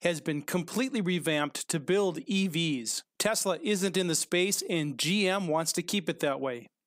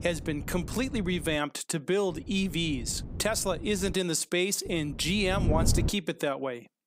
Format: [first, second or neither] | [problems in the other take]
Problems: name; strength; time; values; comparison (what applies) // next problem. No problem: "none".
first | wind noise on the microphone; occasional gusts; until 1.5 s, from 2 to 4 s and from 4.5 to 6 s; 15 dB below the speech